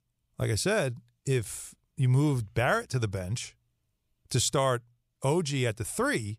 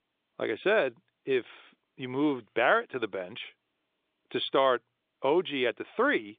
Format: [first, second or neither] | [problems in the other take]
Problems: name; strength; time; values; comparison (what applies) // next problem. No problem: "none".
first | phone-call audio